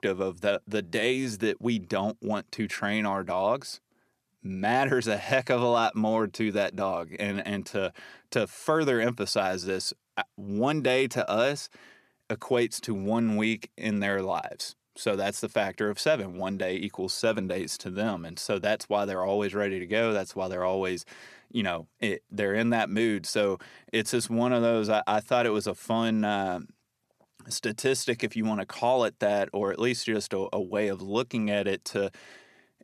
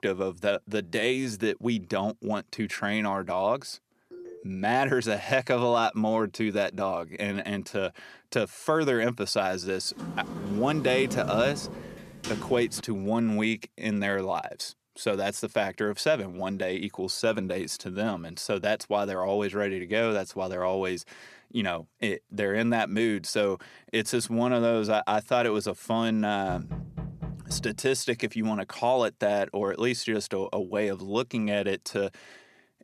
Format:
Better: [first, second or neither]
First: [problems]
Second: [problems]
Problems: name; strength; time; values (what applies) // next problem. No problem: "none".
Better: first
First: none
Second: phone ringing; faint; at 4 s; peak 15 dB below the speech // door banging; noticeable; from 10 to 13 s and from 26 to 28 s; peak 6 dB below the speech